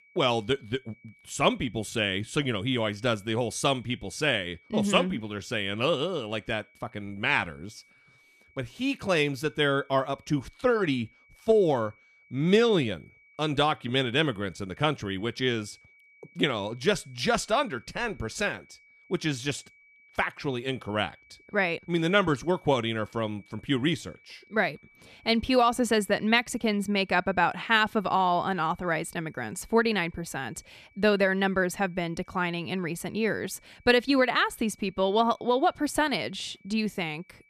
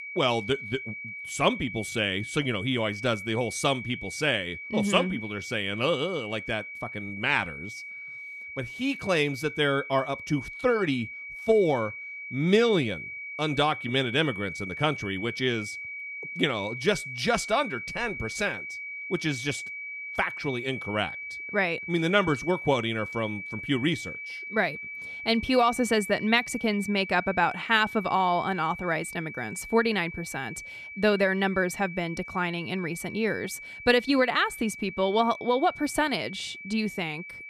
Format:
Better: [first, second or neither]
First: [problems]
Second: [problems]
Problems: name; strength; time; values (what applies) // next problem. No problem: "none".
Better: first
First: high-pitched whine; faint; throughout; 2.5 kHz, 30 dB below the speech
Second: high-pitched whine; loud; throughout; 2.5 kHz, 9 dB below the speech